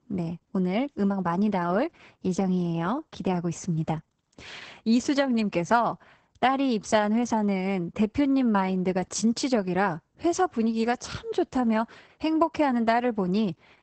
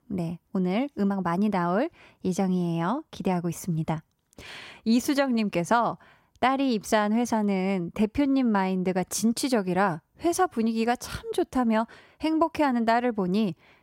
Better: second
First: garbled, watery; badly; nothing above 8 kHz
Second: none

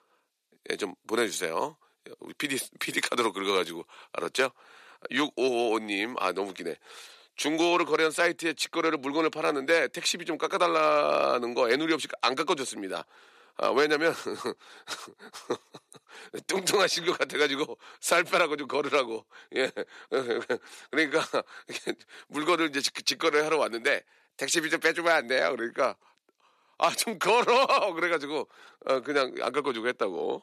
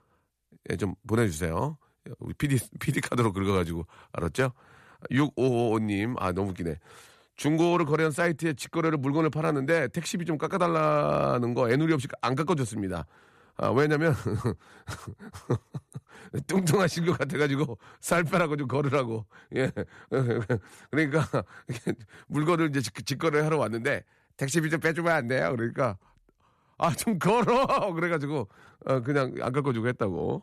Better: second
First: thin; somewhat; fading below 350 Hz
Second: none

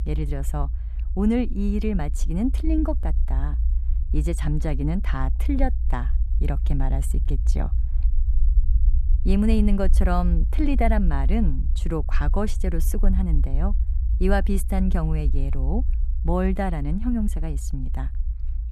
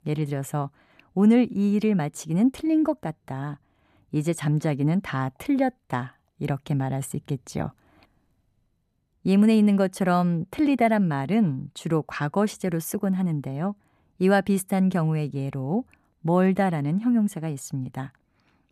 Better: second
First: low rumble; noticeable; throughout; 15 dB below the speech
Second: none

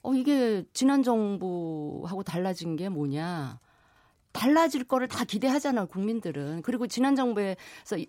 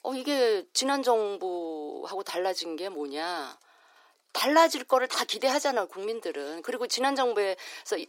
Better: first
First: none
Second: thin; somewhat; fading below 350 Hz

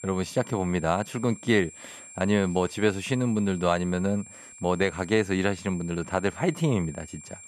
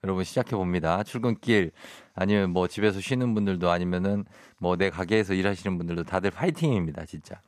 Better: second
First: high-pitched whine; noticeable; throughout; 7.5 kHz, 15 dB below the speech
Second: none

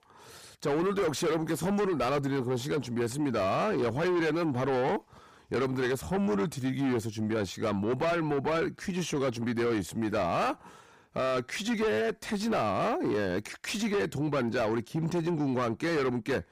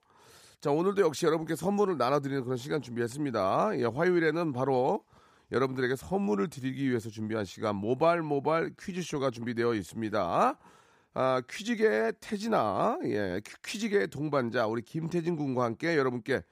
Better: second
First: distortion; heavy; 6 dB below the speech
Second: none

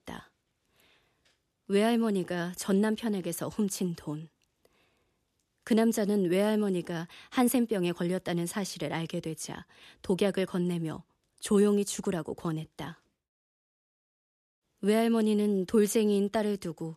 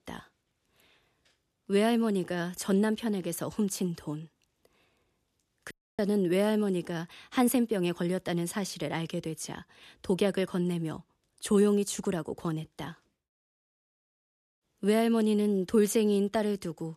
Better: first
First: none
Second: audio cutting out; at 5.5 s

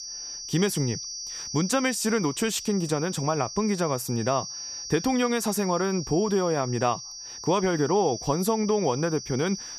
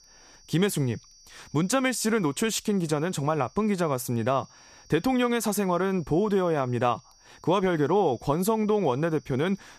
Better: second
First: high-pitched whine; loud; throughout; 6 kHz, 9 dB below the speech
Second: high-pitched whine; faint; throughout; 6 kHz, 30 dB below the speech

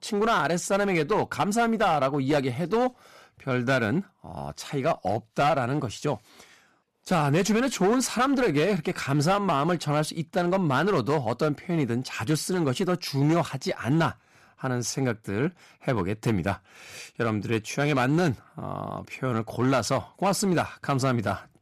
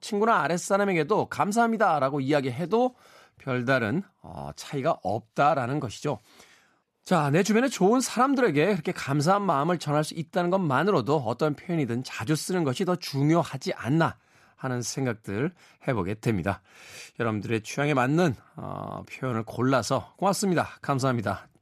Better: second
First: distortion; slight; 7% of the sound clipped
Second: none

